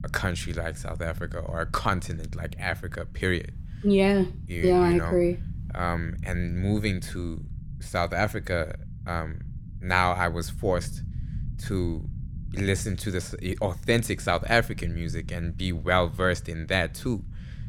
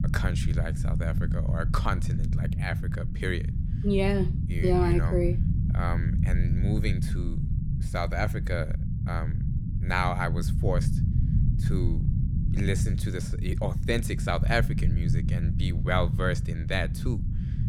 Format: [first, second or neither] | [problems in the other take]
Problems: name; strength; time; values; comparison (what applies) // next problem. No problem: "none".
first | low rumble; loud; throughout; 9 dB below the speech; faint in the first